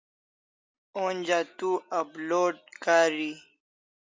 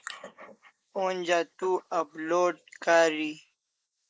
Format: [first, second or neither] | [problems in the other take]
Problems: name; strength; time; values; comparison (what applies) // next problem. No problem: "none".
first | noise reduction (neural mask model Resemble Enhance denoiser)